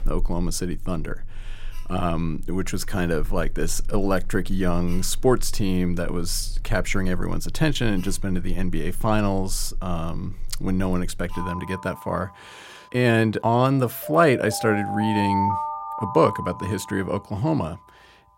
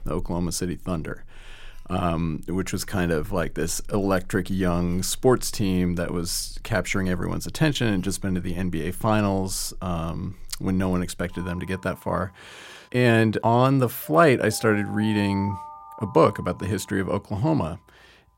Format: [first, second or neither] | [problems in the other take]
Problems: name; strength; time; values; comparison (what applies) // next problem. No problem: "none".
second | alarms or sirens; loud; throughout; 10 dB below the speech; faint in the second